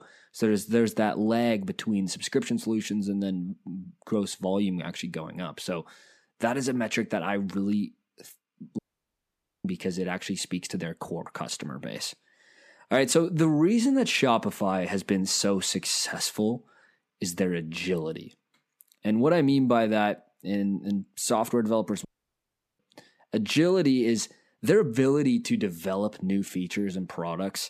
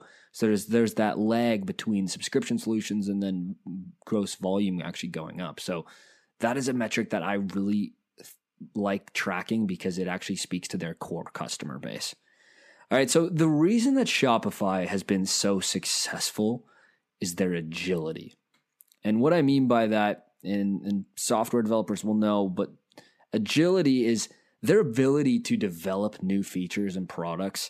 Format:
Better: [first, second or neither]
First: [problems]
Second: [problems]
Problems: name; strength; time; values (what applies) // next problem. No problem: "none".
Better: second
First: audio cutting out; at 9 s for 1 s and at 22 s for 0.5 s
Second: none